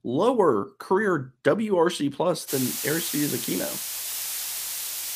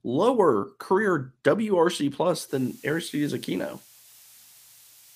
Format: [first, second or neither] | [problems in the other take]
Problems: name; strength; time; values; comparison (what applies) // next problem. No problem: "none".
second | hiss; loud; from 2.5 s on; 3 dB below the speech; faint in the second